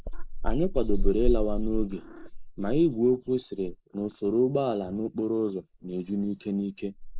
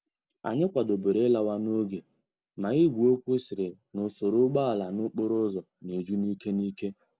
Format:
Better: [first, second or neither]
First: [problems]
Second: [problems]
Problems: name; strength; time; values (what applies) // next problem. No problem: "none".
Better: second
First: noise reduction (neural mask model Resemble Enhance denoiser)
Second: none